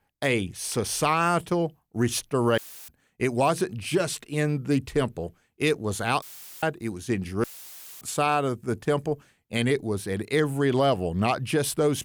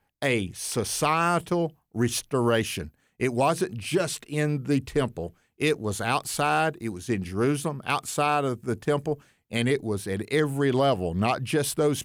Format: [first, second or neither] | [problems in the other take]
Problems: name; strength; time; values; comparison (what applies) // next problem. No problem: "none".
second | audio cutting out; filled with static; at 2.5 s, at 6 s and at 7.5 s for 0.5 s